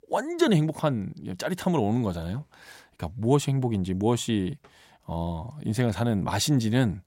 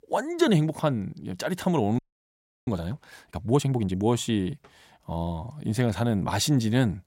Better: first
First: none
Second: audio freezing; at 2 s for 0.5 s

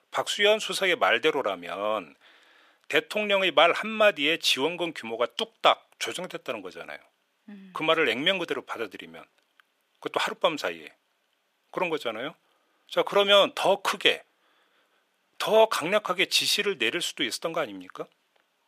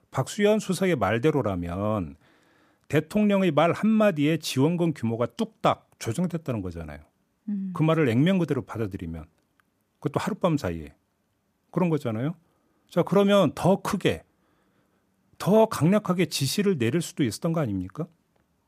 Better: second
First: thin; very; fading below 550 Hz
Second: none

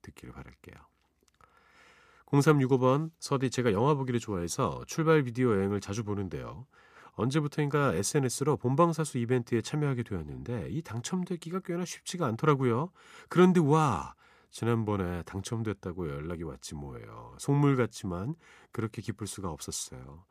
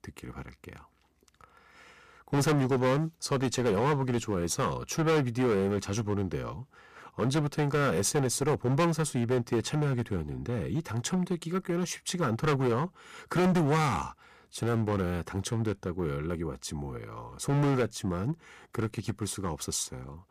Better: first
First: none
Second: distortion; heavy; 9% of the sound clipped

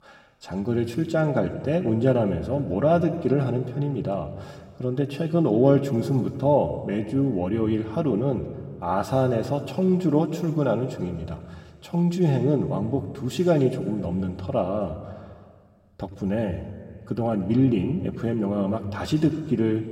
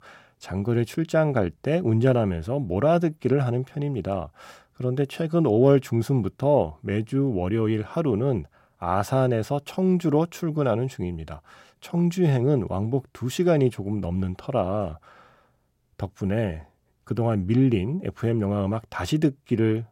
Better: second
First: room echo; slight; dies away in 1.7 s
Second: none

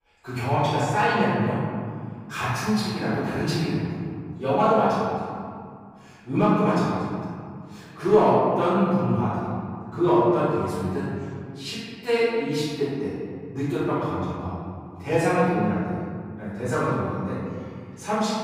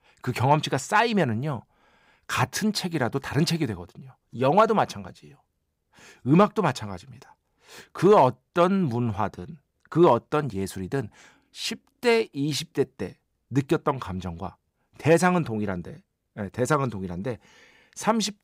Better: second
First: off-mic speech; far // room echo; strong; dies away in 2.1 s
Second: none

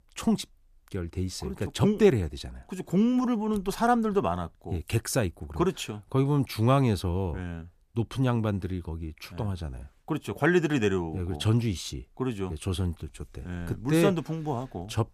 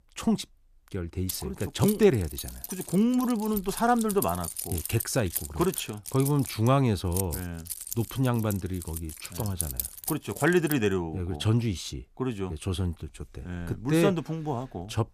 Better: first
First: none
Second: jangling keys; noticeable; from 1.5 to 11 s; peak 3 dB below the speech

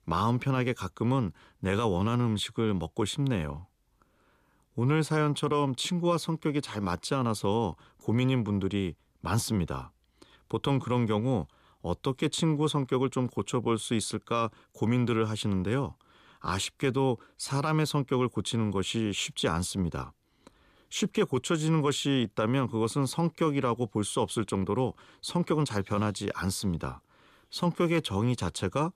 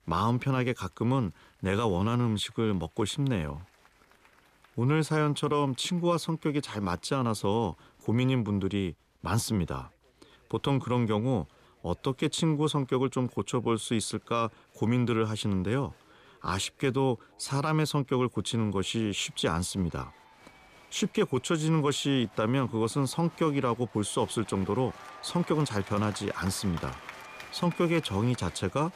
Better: first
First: none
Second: crowd noise; faint; throughout; 20 dB below the speech

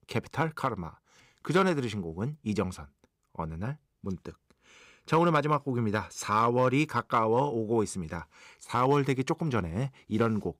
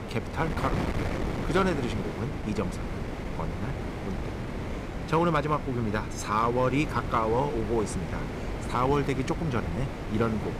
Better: first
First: none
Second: wind noise on the microphone; heavy; 8 dB below the speech

